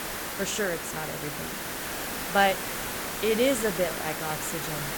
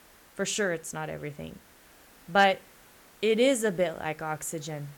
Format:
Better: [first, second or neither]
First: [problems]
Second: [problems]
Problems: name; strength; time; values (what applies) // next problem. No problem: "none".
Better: second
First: hiss; loud; throughout; 3 dB below the speech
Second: hiss; faint; throughout; 25 dB below the speech